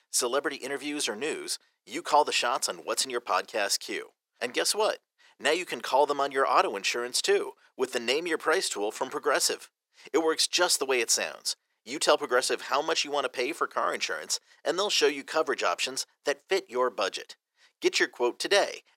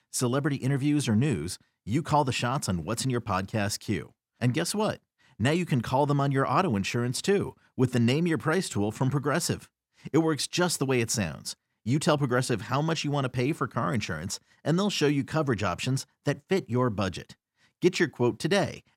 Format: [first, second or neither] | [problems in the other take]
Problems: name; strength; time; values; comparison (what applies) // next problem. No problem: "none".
second | thin; very; fading below 450 Hz